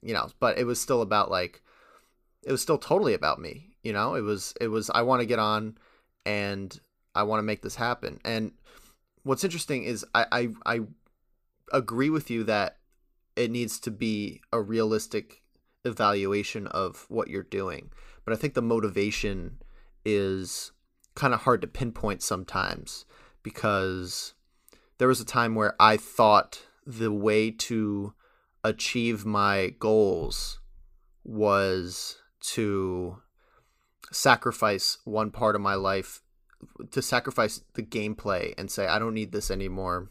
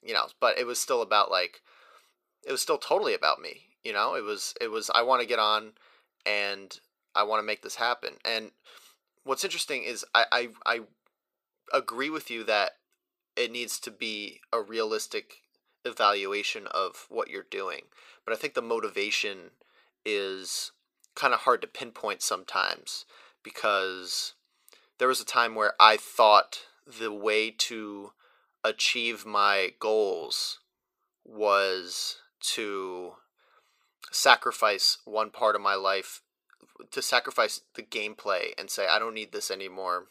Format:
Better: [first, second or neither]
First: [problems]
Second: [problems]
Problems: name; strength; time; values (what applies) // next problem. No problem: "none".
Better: first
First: none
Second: thin; very; fading below 600 Hz